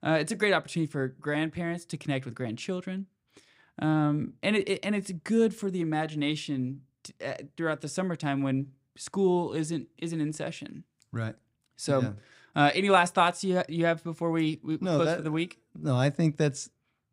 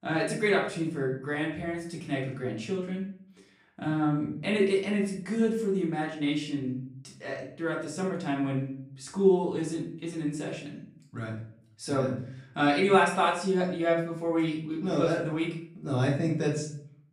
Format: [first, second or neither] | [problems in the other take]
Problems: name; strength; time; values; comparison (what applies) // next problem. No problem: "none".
first | off-mic speech; far // room echo; slight; dies away in 0.5 s